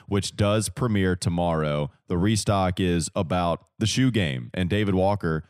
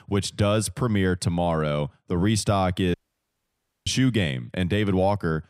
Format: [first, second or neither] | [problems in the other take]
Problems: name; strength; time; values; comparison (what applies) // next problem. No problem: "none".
first | audio cutting out; at 3 s for 1 s